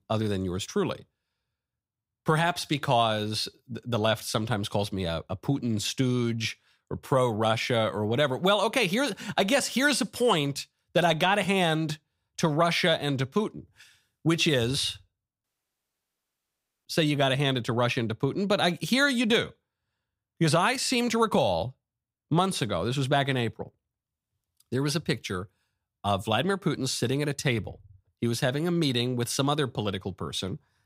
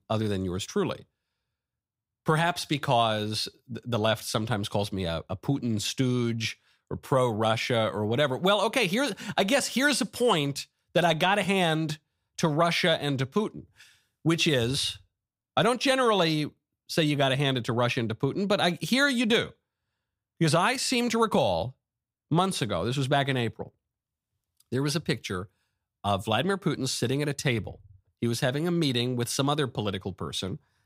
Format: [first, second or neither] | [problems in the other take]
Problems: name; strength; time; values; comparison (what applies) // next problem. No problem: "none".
second | audio cutting out; at 15 s for 1.5 s